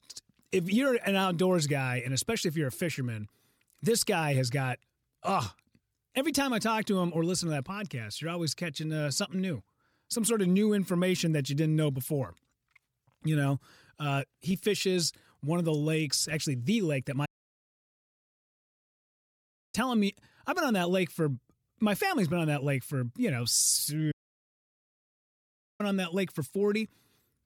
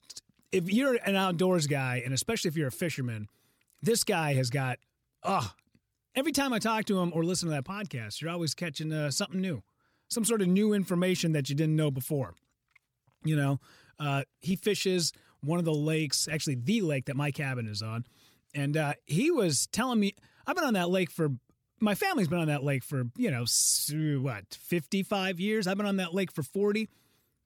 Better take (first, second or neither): second